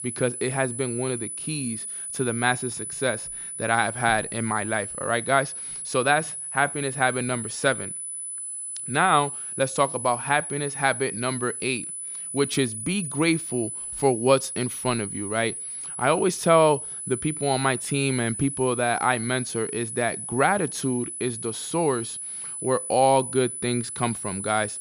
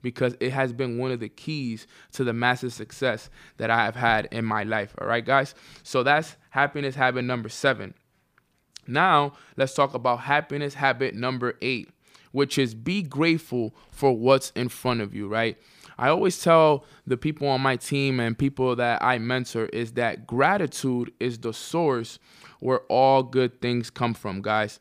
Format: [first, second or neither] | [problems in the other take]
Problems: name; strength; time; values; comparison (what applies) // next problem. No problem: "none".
second | high-pitched whine; loud; throughout; 10 kHz, 6 dB below the speech